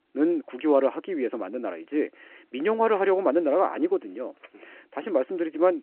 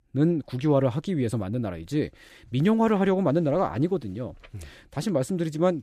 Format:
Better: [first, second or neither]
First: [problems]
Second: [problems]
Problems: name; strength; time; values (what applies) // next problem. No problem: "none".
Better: second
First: phone-call audio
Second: none